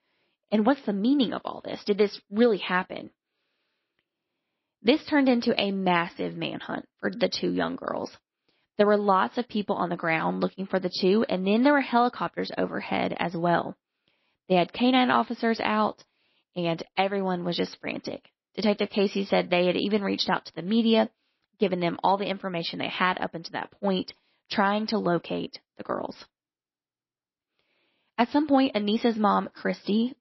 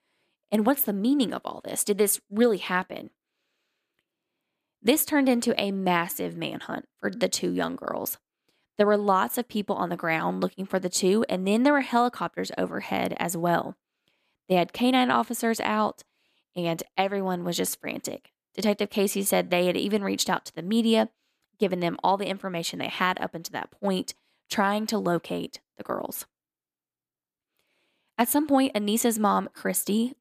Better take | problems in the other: second | garbled, watery; slightly; nothing above 5.5 kHz

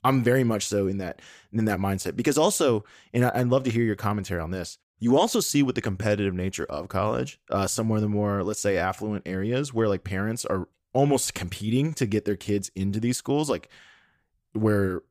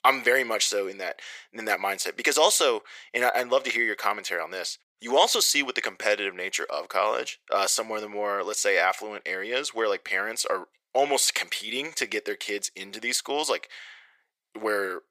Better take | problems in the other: first | thin; very; fading below 500 Hz

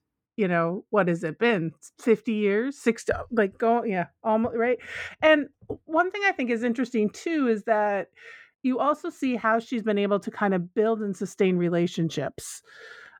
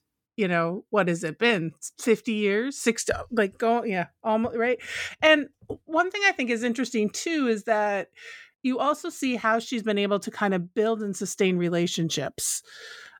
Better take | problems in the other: second | muffled; slightly; fading above 2.5 kHz

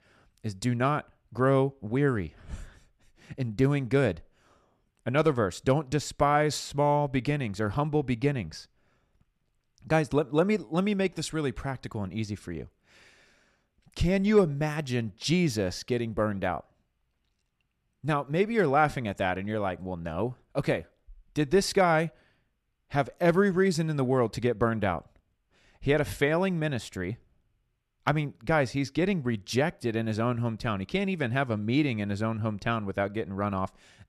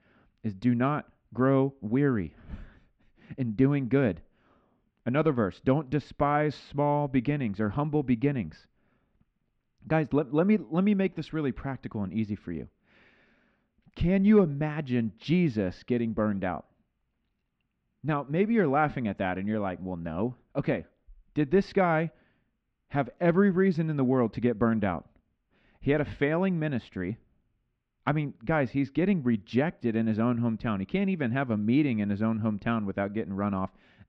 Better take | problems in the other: first | muffled; slightly; fading above 3 kHz

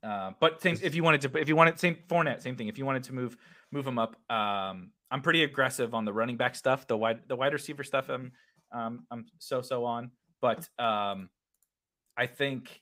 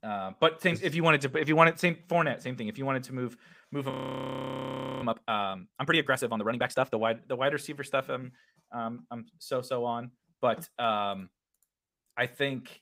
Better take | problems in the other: first | audio freezing; at 4 s for 1 s

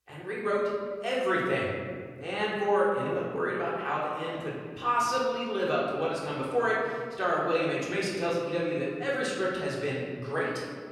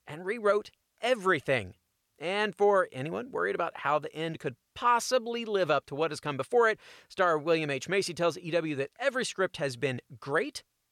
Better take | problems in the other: second | room echo; noticeable; dies away in 1.9 s // off-mic speech; far

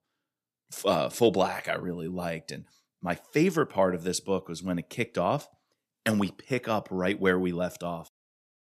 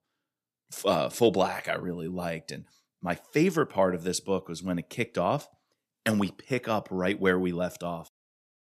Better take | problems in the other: neither | none

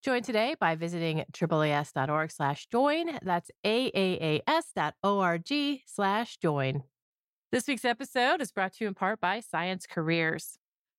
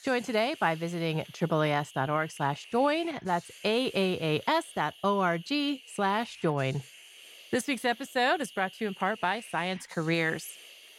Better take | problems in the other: first | hiss; noticeable; throughout; 20 dB below the speech

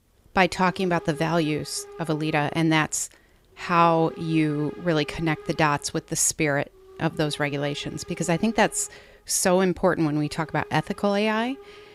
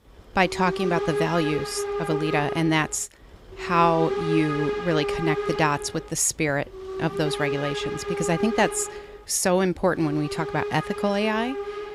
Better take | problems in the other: first | hiss; loud; throughout; 5 dB below the speech; faint in the first

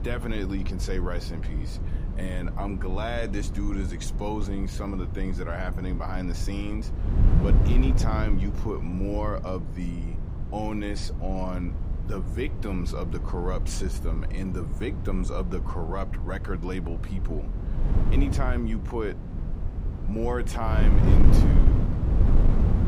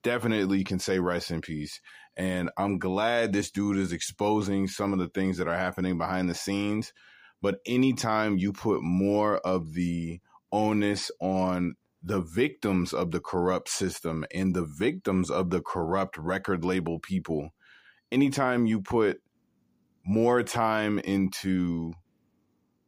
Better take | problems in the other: second | wind noise on the microphone; heavy; 5 dB below the speech

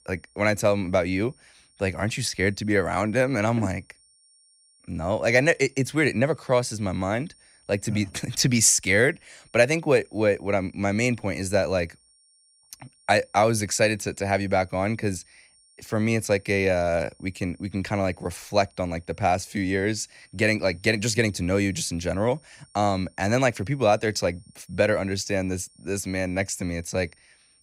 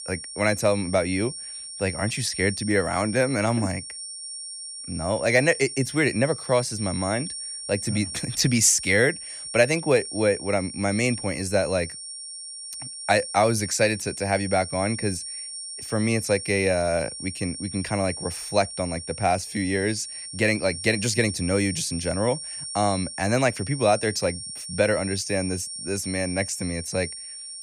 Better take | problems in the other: first | high-pitched whine; loud; throughout; 9 kHz, 9 dB below the speech; faint in the first

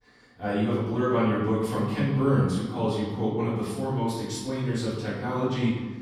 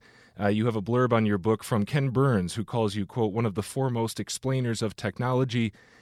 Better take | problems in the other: second | room echo; noticeable; dies away in 1.2 s // off-mic speech; far

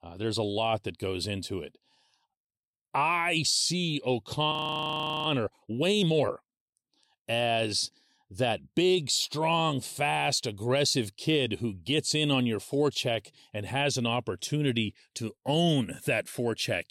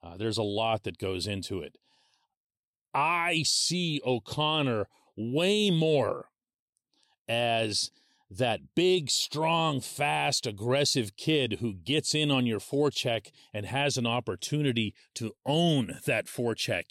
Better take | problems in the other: second | audio freezing; at 4.5 s for 0.5 s

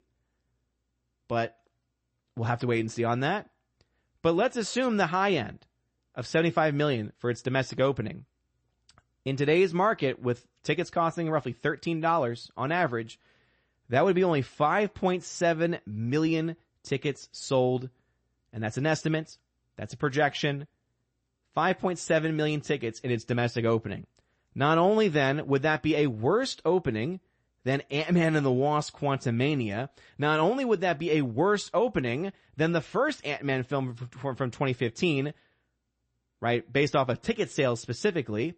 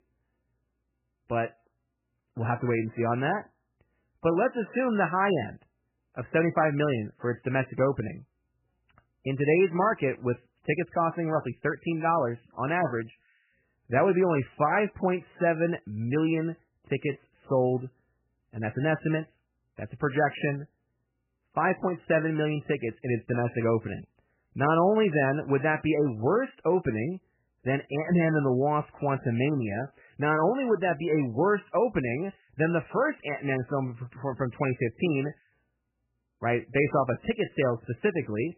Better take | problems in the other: first | garbled, watery; badly; nothing above 3 kHz; slightly in the first

